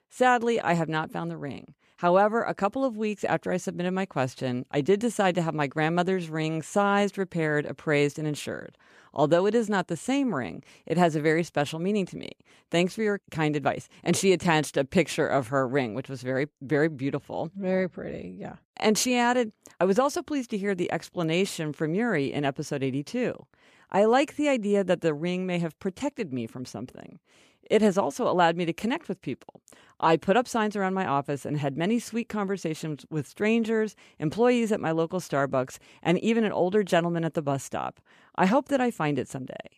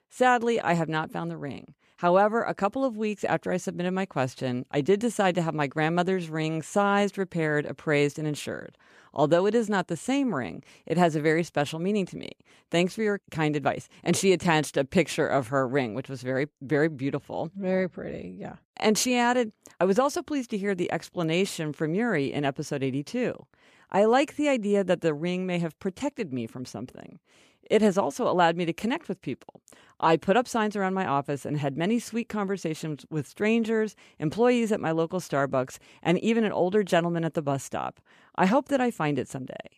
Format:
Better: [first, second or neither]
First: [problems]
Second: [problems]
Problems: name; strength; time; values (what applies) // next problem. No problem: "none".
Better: neither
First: none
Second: none